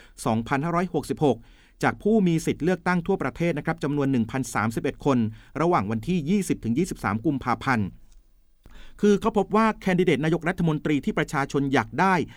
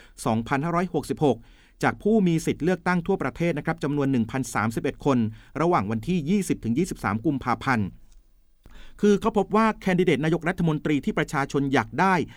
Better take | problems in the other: neither | none

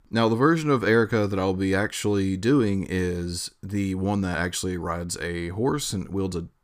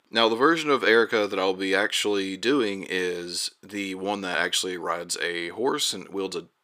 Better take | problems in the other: first | thin; somewhat; fading below 400 Hz

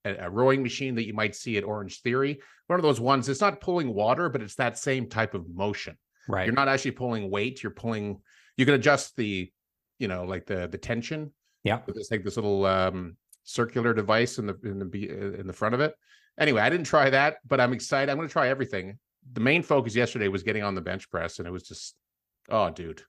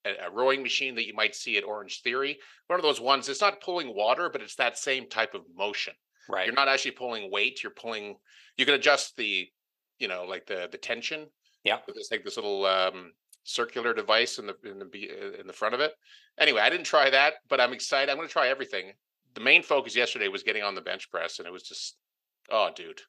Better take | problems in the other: first | thin; somewhat; fading below 500 Hz

